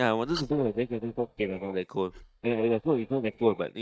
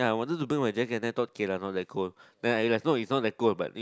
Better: second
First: noise reduction (neural mask model DeepFilterNet 3)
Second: none

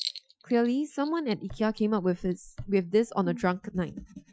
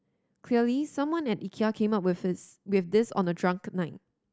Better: second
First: noise reduction (classical method Wiener filter)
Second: none

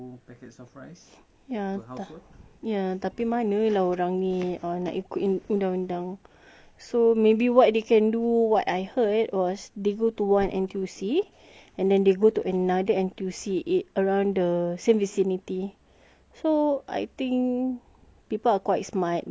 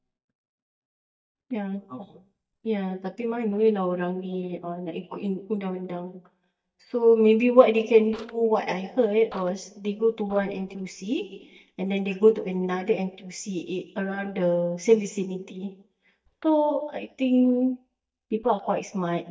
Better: first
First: none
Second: noise reduction (neural mask model DeepFilterNet 3)

